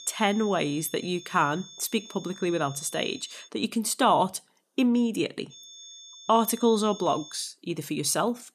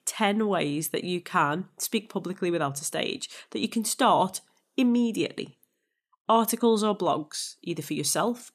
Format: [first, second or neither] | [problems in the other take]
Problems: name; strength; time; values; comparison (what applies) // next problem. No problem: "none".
second | high-pitched whine; noticeable; until 3.5 s and from 5.5 to 7.5 s; 3.5 kHz, 15 dB below the speech